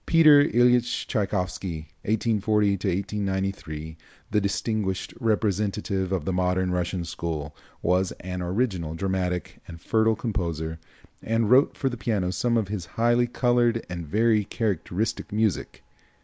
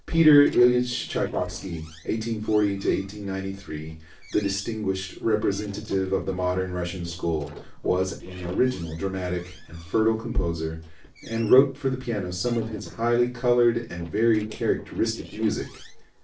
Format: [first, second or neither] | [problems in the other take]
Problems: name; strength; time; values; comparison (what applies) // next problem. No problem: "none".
first | noise reduction (neural separator model SepFormer DNS4)